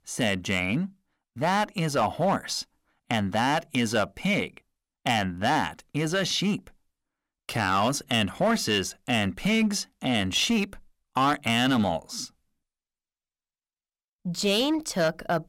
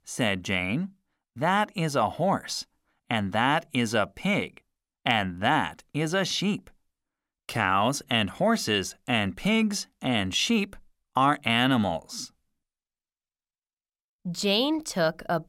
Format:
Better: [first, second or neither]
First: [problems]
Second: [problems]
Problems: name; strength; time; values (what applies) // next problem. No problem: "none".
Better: second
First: distortion; slight; 5% of the sound clipped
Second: none